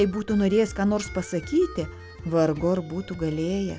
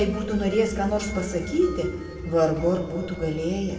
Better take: first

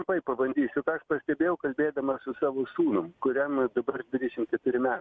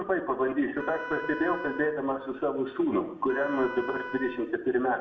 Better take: first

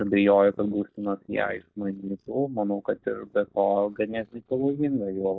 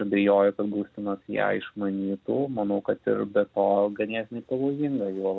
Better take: second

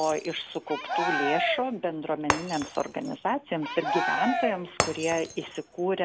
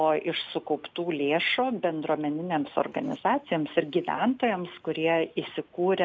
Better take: second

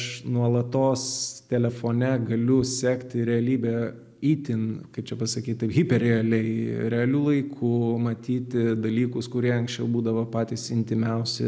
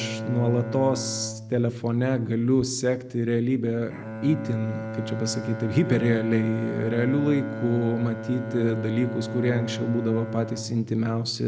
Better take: first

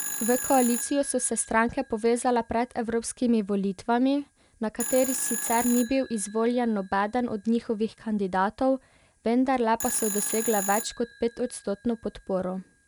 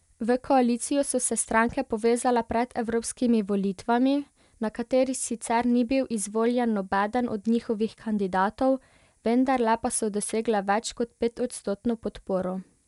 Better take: second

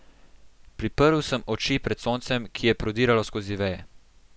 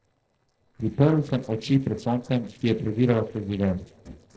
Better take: first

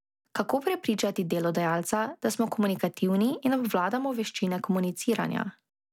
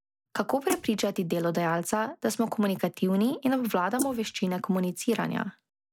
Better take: first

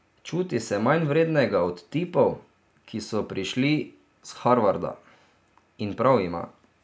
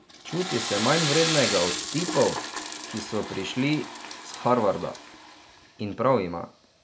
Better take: first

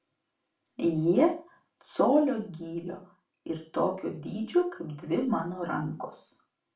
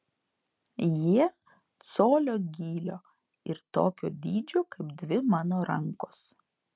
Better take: second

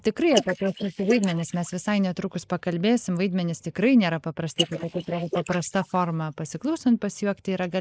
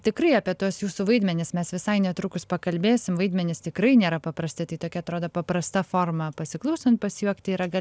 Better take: second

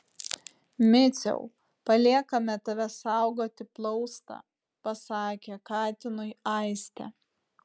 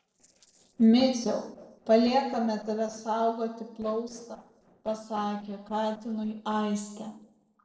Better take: first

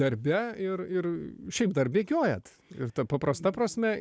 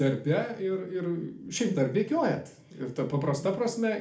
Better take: first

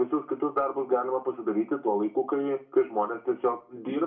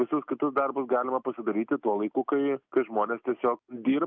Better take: second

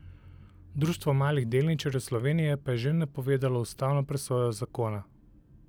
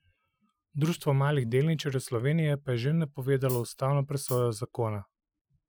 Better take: first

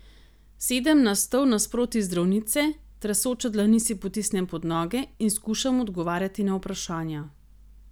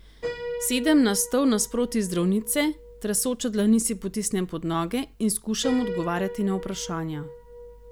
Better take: first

